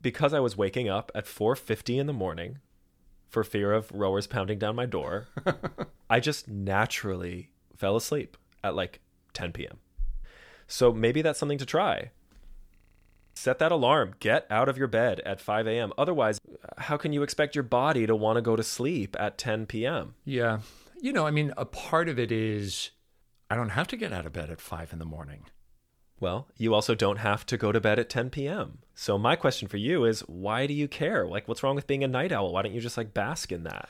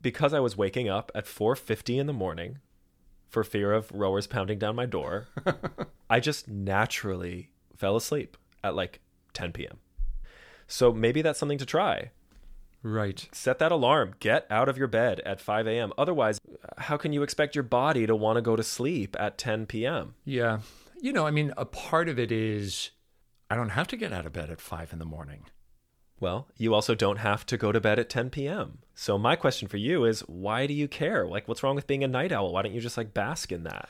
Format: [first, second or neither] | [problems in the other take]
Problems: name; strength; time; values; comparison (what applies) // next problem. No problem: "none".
second | audio freezing; at 13 s for 0.5 s